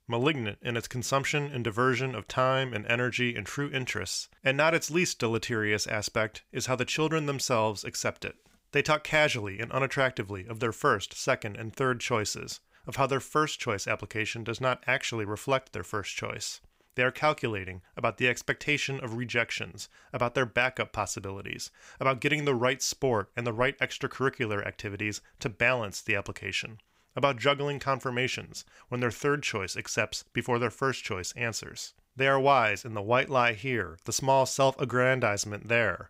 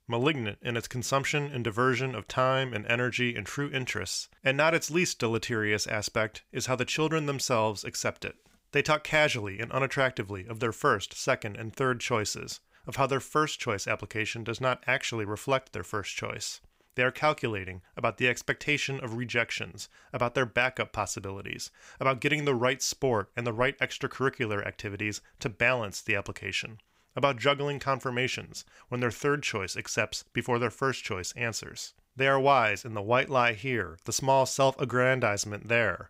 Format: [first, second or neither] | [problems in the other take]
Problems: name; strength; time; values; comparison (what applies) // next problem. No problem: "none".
neither | none